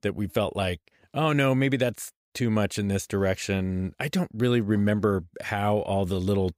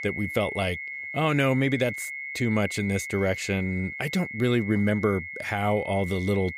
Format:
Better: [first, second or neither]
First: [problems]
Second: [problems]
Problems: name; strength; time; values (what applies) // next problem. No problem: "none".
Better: first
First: none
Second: high-pitched whine; loud; throughout; 2 kHz, 7 dB below the speech